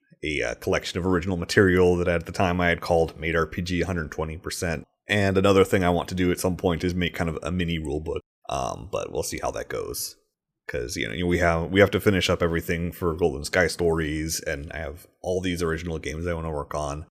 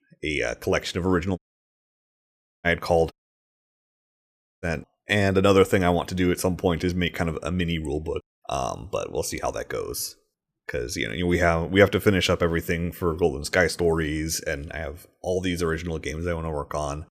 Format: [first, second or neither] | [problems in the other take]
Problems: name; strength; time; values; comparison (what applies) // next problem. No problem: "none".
first | audio cutting out; at 1.5 s for 1.5 s and at 3 s for 1.5 s